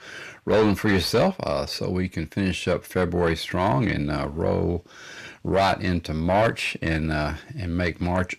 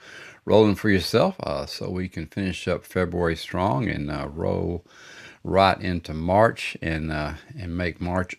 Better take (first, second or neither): second